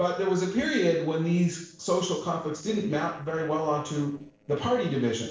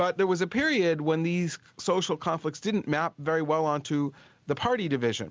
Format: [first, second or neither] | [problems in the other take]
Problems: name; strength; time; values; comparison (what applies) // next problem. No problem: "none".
second | noise reduction (neural separator model SepFormer DNS4)